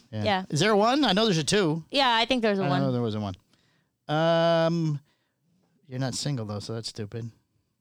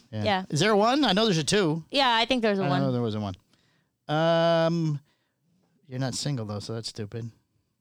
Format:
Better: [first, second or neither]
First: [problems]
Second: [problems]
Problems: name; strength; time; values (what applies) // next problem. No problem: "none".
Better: neither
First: none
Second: none